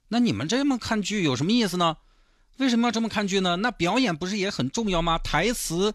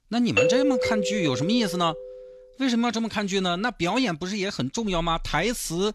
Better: first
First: none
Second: doorbell; loud; until 2 s; peak 4 dB above the speech

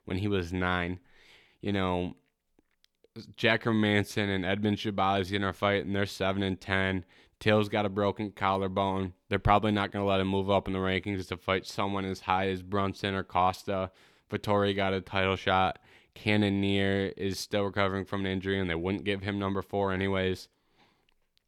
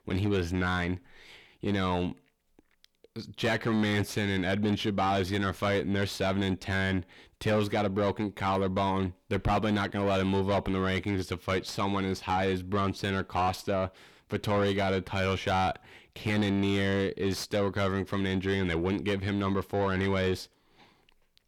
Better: first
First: none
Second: distortion; heavy; 8 dB below the speech

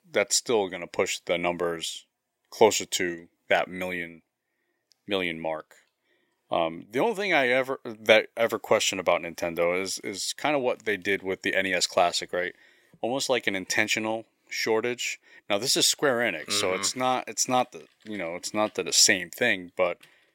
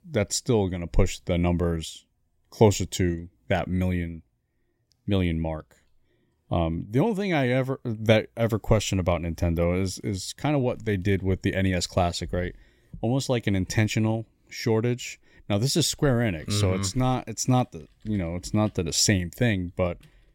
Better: second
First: thin; very; fading below 450 Hz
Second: none

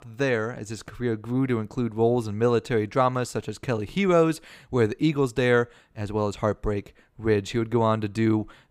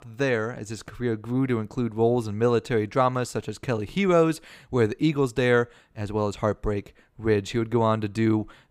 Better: neither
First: none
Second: none

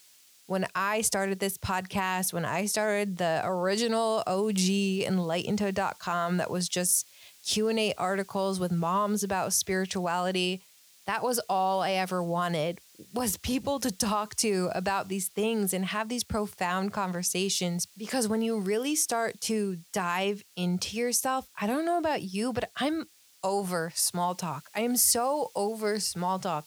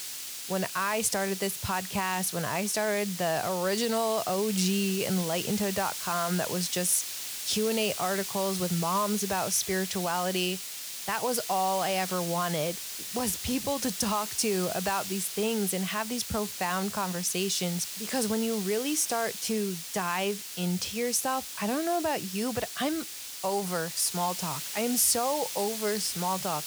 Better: first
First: hiss; faint; throughout; 25 dB below the speech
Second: hiss; loud; throughout; 5 dB below the speech

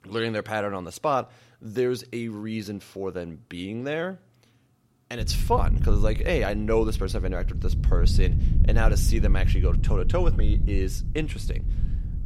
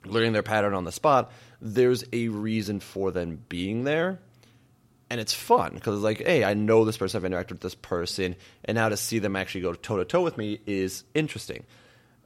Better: second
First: low rumble; noticeable; from 5 s on; 10 dB below the speech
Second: none

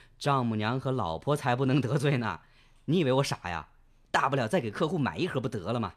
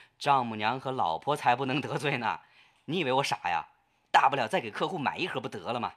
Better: first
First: none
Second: thin; somewhat; fading below 250 Hz

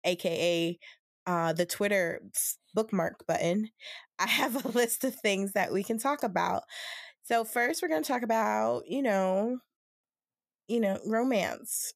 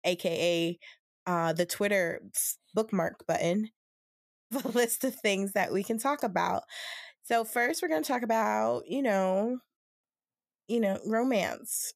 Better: first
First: none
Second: audio cutting out; at 4 s for 0.5 s

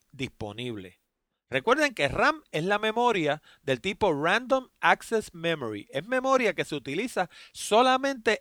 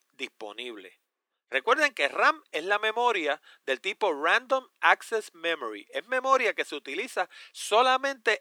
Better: first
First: none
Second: thin; somewhat; fading below 350 Hz

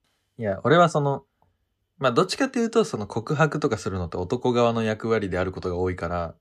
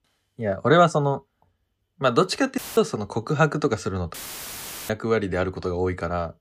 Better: first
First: none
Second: audio cutting out; filled with static; at 2.5 s and at 4 s for 1 s

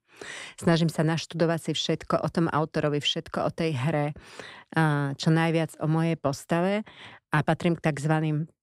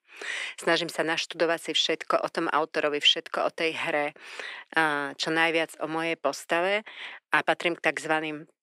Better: first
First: none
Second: thin; very; fading below 350 Hz

